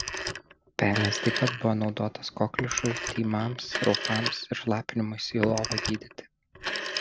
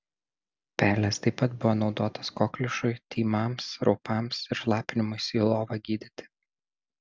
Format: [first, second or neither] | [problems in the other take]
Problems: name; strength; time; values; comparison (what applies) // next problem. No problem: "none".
second | background sound (Telephone); 5 dB below the speech